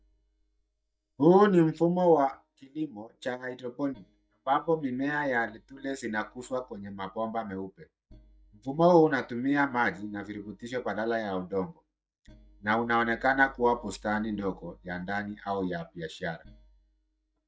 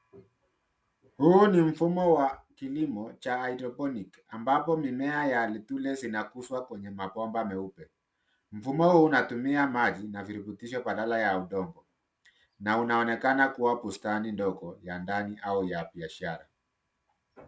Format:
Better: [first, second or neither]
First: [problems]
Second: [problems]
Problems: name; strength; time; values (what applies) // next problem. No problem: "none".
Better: second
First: noise reduction (neural mask model DeepFilterNet 3)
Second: none